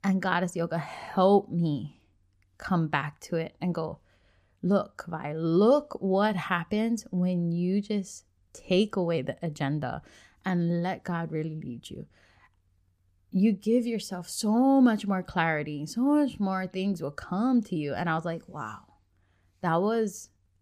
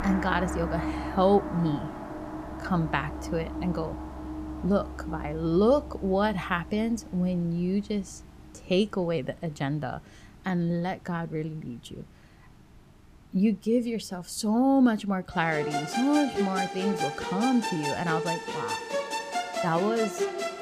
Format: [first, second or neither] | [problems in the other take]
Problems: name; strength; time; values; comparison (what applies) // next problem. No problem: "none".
first | background music; loud; throughout; 6 dB below the speech